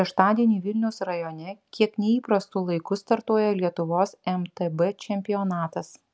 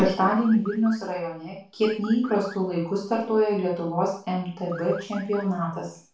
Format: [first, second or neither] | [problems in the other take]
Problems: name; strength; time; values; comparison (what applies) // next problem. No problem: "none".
first | background sound (Car); 18 dB below the speech // room echo; dies away in 0.4 s